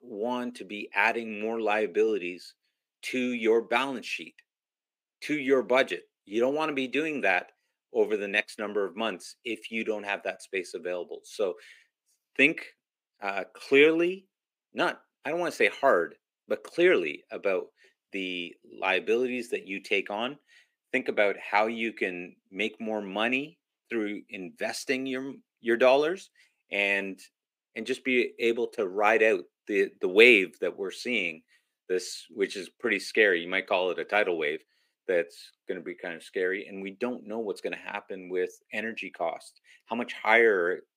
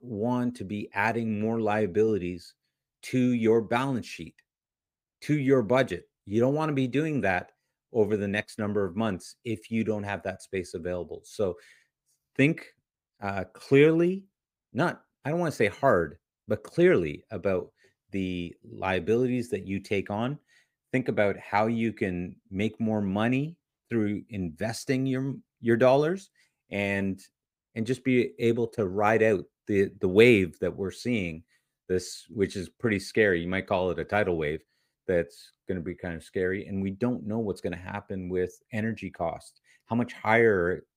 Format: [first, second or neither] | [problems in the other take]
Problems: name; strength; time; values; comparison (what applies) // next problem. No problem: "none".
second | thin; somewhat; fading below 300 Hz